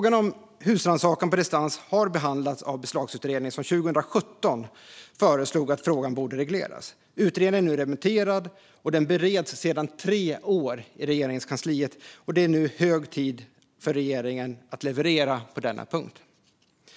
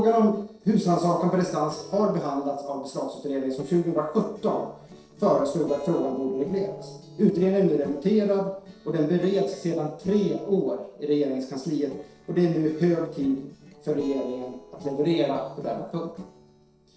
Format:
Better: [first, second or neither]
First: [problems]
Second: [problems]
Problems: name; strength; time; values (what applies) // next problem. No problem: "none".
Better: first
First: none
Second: noise reduction (neural separator model SepFormer DNS4)